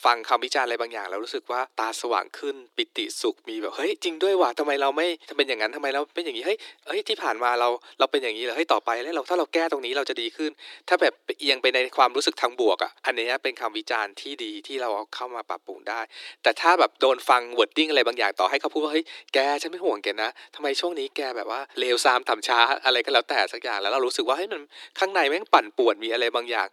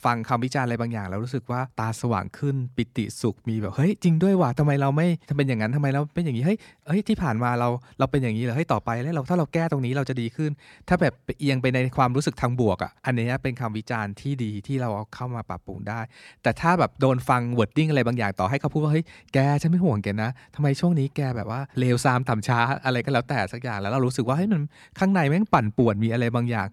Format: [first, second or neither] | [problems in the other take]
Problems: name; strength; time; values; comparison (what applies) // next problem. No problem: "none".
second | thin; very; fading below 300 Hz